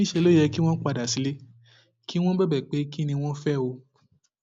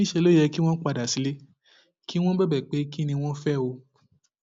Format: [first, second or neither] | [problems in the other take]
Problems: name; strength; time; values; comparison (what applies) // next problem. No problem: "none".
second | background sound (Guitar); 18 dB below the speech